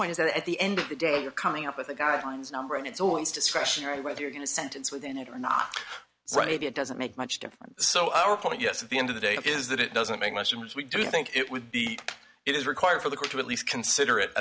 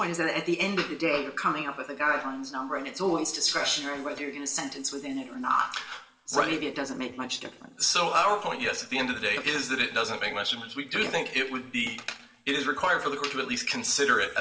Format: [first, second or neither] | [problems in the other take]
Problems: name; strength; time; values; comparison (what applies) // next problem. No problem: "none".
first | room echo; dies away in 1.3 s